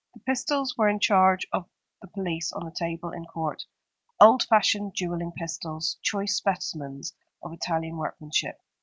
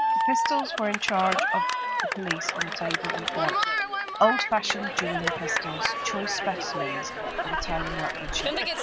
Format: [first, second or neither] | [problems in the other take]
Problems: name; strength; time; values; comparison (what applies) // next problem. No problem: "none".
first | background sound (Cheering); 3 dB above the speech